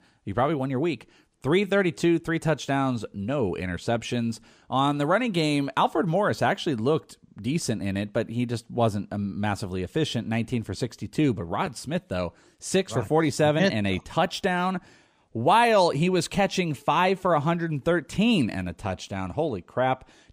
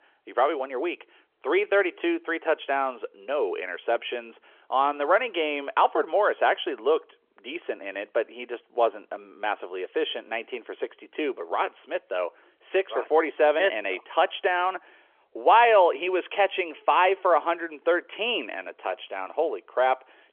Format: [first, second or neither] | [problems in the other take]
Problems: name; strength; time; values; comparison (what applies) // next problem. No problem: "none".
first | phone-call audio; nothing above 3.5 kHz